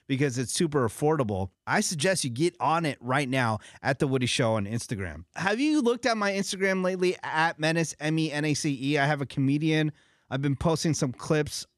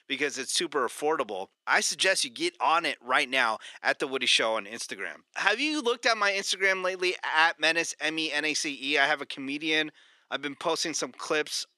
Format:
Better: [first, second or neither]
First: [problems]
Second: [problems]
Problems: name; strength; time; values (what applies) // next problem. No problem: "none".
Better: first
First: none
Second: thin; very; fading below 350 Hz